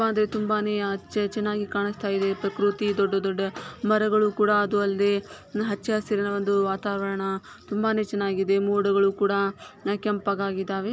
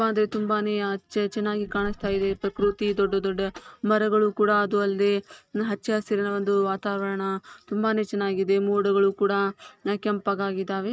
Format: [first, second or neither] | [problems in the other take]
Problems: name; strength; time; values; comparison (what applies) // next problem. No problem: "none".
first | noise reduction (neural mask model RNNoise)